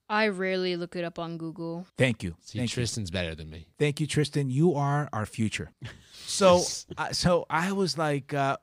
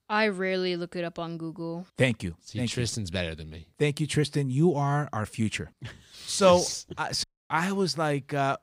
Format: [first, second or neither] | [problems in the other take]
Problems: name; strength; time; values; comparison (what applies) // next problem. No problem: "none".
first | audio cutting out; at 7 s